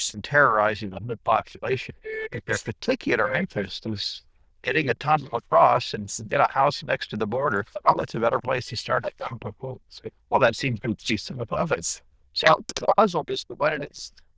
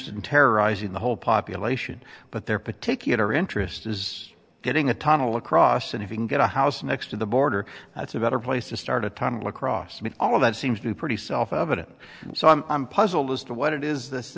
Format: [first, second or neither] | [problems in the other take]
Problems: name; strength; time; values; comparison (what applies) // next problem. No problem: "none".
second | noise reduction (neural diffusion model UNIVERSE++)